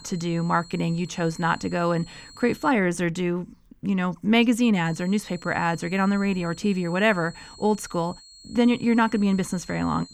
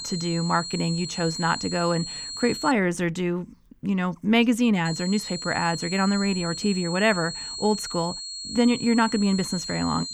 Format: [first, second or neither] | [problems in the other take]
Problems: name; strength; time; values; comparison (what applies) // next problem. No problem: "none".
first | high-pitched whine; loud; until 2.5 s and from 5 s on; 4.5 kHz, 7 dB below the speech; faint in the first